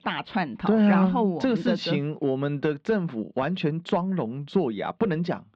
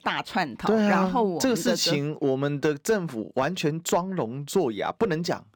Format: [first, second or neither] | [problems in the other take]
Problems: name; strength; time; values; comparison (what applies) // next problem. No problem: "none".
second | muffled; slightly; fading above 3.5 kHz